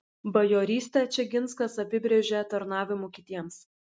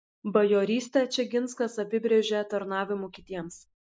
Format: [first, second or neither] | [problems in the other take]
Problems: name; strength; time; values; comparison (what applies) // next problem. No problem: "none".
first | noise reduction (neural mask model Resemble Enhance denoiser)